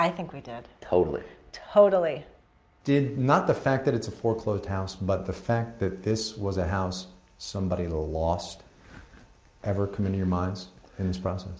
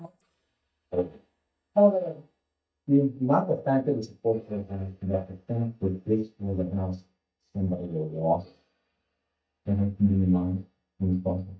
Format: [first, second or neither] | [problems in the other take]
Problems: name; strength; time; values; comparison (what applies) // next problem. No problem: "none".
first | noise reduction (neural mask model DeepFilterNet 3)